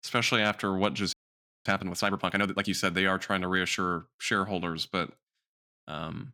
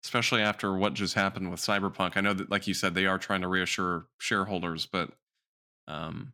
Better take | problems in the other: second | audio freezing; at 1 s for 0.5 s

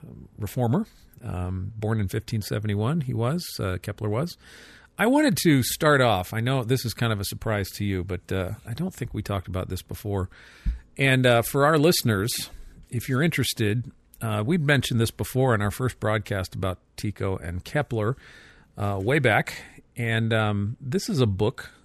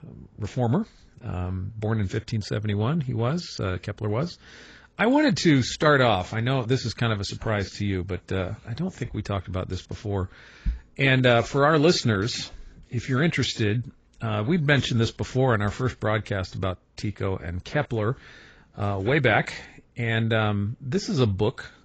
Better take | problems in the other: first | garbled, watery; badly; nothing above 7.5 kHz

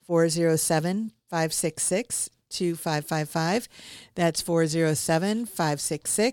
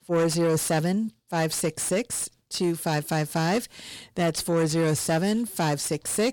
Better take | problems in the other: first | distortion; slight; 10 dB below the speech

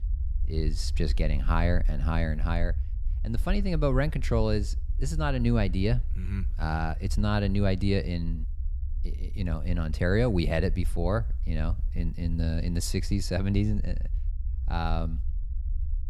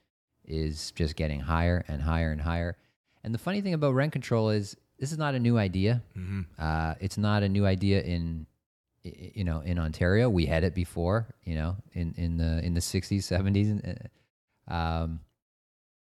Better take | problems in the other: second | low rumble; faint; throughout; 20 dB below the speech

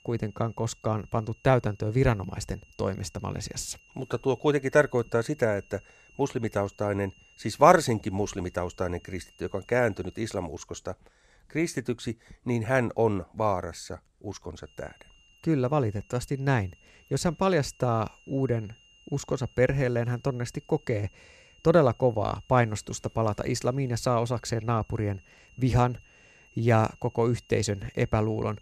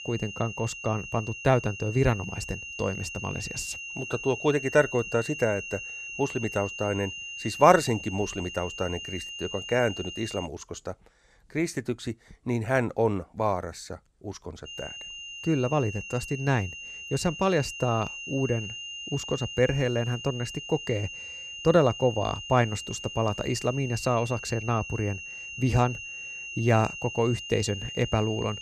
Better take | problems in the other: first | high-pitched whine; loud; until 10 s and from 15 s on; 3 kHz, 9 dB below the speech; faint in the first

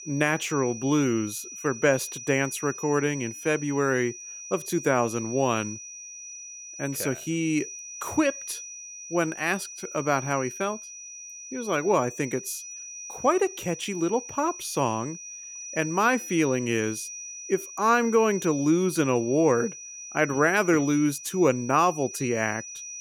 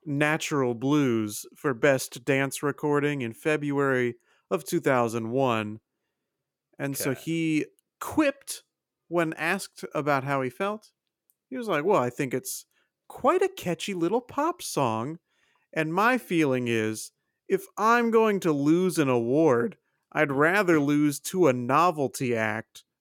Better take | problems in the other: second | high-pitched whine; noticeable; throughout; 6 kHz, 10 dB below the speech

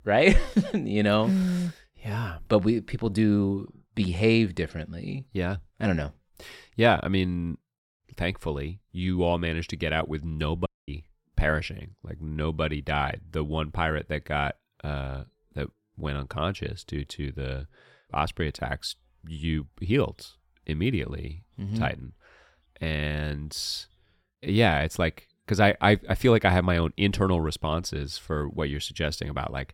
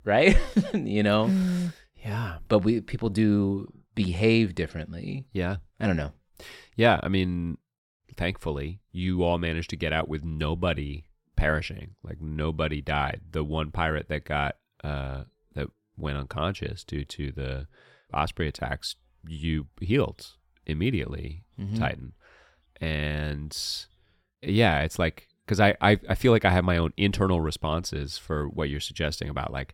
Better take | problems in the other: second | audio cutting out; at 11 s

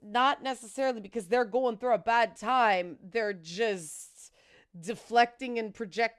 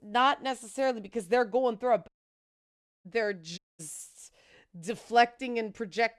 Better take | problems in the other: first | audio cutting out; at 2 s for 1 s and at 3.5 s

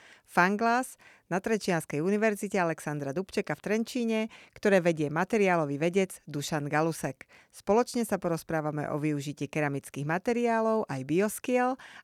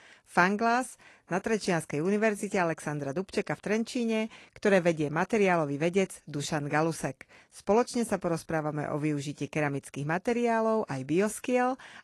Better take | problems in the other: first | garbled, watery; slightly; nothing above 11.5 kHz

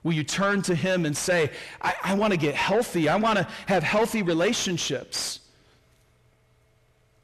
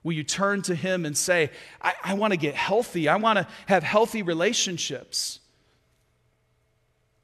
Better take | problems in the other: second | distortion; heavy; 8 dB below the speech

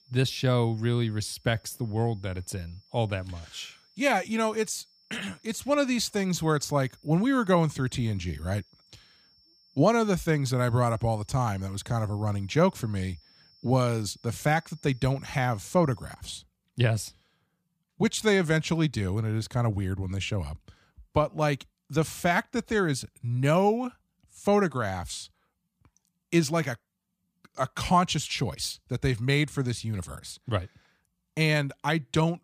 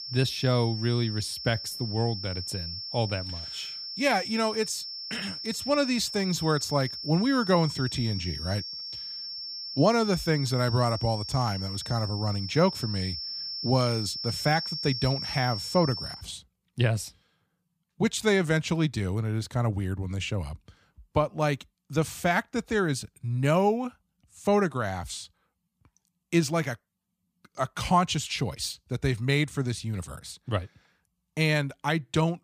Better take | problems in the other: first | high-pitched whine; loud; until 16 s; 5.5 kHz, 6 dB below the speech; faint in the first

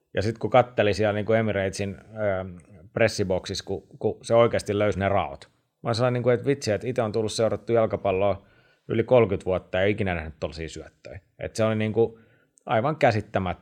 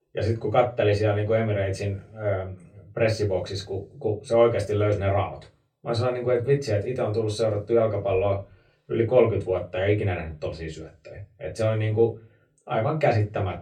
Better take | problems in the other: first | off-mic speech; far // room echo; very slight; dies away in 0.2 s

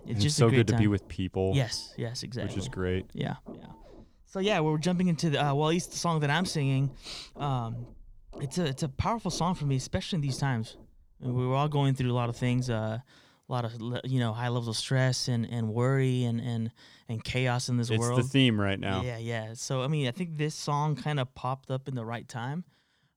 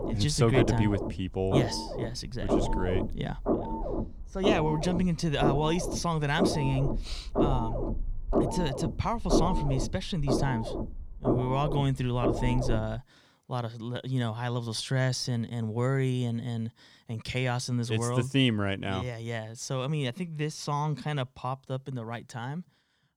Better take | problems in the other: first | low rumble; loud; until 13 s; as loud as the speech; faint in the first

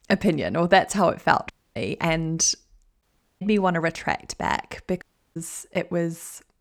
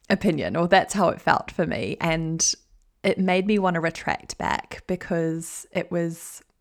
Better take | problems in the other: second | audio cutting out; at 1.5 s, at 3 s and at 5 s

